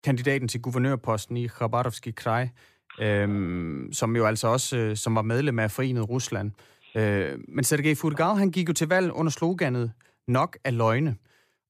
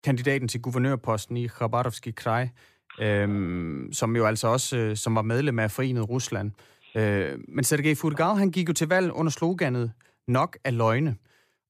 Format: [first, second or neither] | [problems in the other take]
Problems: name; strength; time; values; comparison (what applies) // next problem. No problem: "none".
neither | none